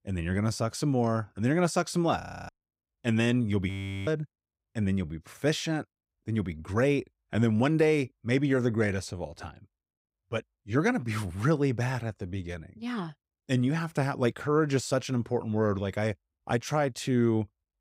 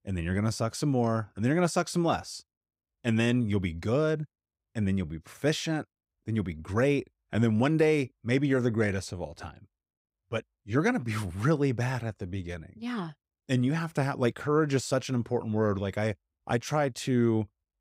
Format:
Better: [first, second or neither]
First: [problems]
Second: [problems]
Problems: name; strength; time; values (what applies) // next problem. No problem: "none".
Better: second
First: audio freezing; at 2 s and at 3.5 s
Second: none